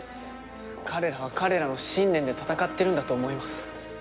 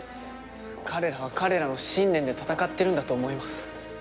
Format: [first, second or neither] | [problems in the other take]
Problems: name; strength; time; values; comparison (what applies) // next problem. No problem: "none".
second | background sound (Wind instrument, woodwind instrument); 19 dB below the speech